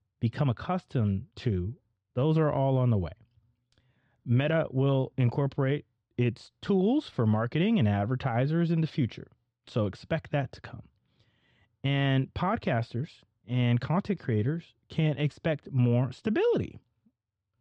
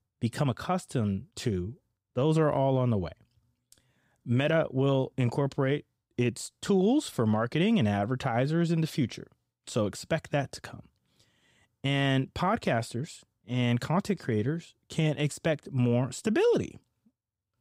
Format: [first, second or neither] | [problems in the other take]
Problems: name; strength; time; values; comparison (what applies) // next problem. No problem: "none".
second | muffled; slightly; fading above 4 kHz